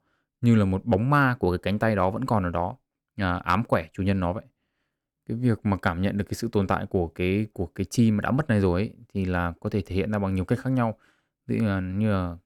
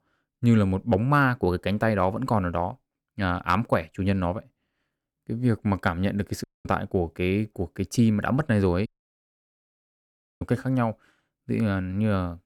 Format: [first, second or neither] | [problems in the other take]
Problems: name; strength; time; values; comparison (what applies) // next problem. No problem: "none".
first | audio cutting out; at 6.5 s and at 9 s for 1.5 s